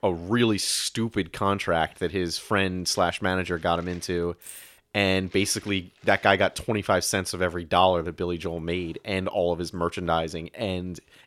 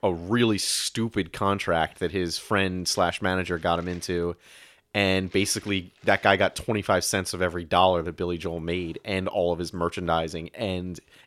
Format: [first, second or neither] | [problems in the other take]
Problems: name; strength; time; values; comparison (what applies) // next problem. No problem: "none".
second | jangling keys; faint; at 4.5 s; peak 15 dB below the speech